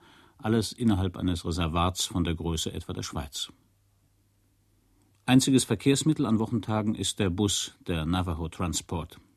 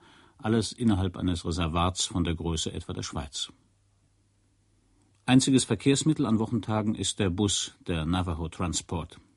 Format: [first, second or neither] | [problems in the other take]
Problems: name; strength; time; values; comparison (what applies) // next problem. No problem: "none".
first | garbled, watery; slightly; nothing above 10 kHz